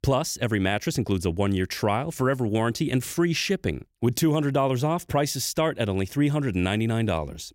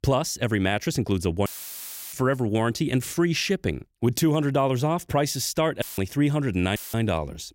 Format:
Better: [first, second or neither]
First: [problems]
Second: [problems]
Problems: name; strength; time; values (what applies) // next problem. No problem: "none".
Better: first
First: none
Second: audio cutting out; filled with static; at 1.5 s for 0.5 s, at 6 s and at 7 s